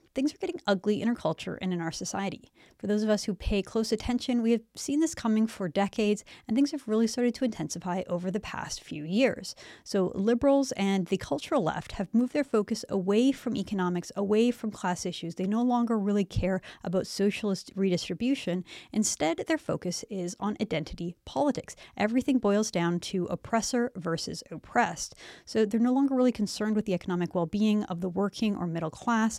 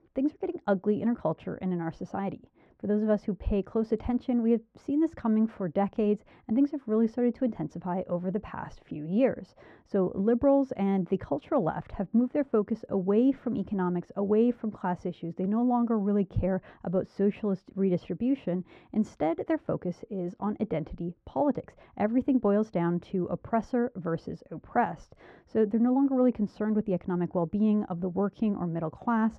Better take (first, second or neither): first